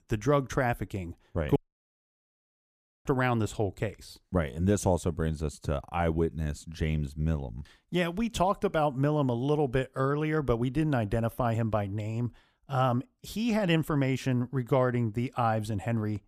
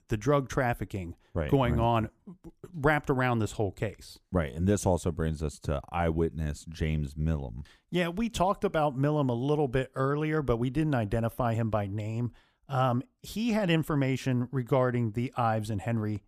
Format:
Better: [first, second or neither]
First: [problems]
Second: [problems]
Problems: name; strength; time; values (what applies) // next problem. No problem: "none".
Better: second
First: audio cutting out; at 1.5 s for 1.5 s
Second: none